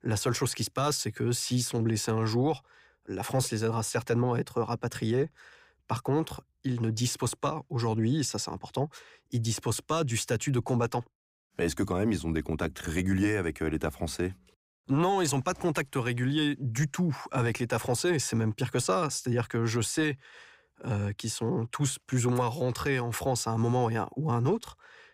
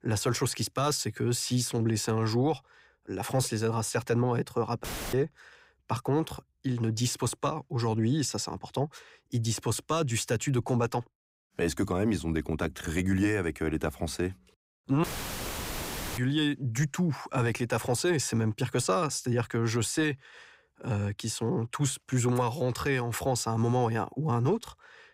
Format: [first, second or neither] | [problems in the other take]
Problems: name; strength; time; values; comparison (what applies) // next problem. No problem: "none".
first | audio cutting out; filled with static; at 5 s and at 15 s for 1 s